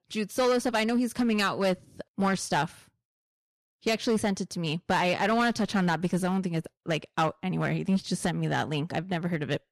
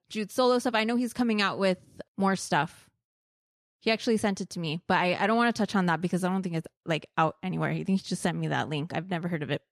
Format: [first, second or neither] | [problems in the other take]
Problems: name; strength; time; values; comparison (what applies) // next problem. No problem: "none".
second | distortion; slight; 5% of the sound clipped